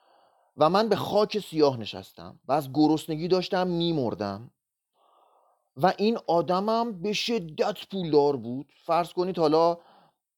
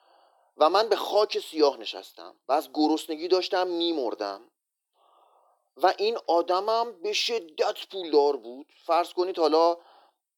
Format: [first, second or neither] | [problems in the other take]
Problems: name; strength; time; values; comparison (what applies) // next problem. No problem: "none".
first | thin; somewhat; fading below 350 Hz